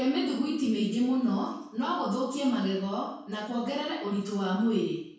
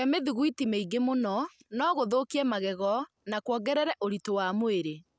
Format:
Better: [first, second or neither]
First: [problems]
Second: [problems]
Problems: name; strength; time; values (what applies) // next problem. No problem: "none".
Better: second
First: room echo; dies away in 0.6 s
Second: none